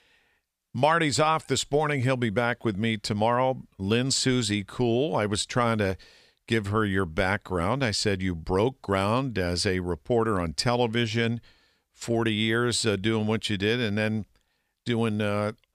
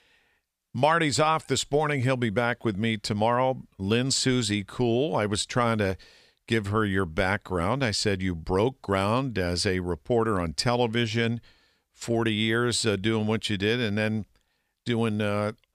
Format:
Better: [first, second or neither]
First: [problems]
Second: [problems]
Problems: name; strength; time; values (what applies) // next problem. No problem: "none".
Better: neither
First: none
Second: none